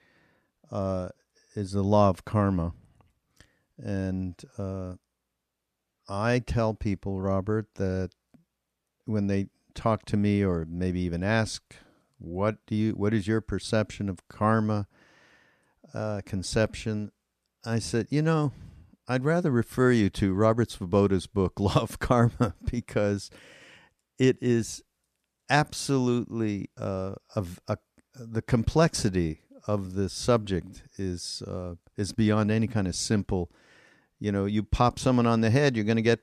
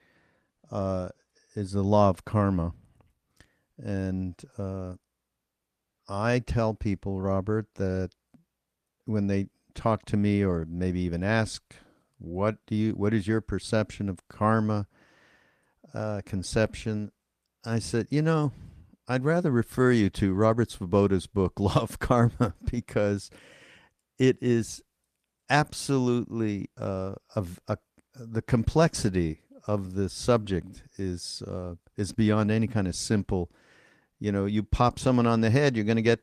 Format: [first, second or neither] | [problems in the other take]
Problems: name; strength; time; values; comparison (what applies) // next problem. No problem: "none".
first | garbled, watery; slightly; nothing above 14.5 kHz